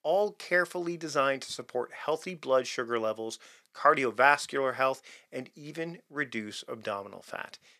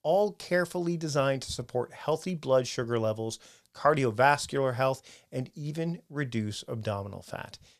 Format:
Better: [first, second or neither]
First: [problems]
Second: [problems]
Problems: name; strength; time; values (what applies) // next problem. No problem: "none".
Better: second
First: thin; somewhat; fading below 300 Hz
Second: none